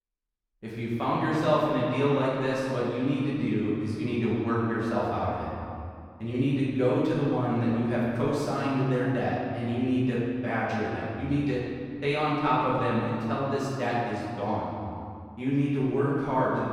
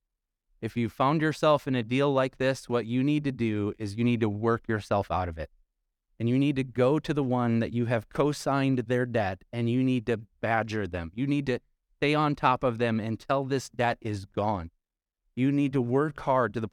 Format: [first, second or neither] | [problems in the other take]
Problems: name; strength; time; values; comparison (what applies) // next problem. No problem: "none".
second | room echo; strong; dies away in 2.2 s // off-mic speech; far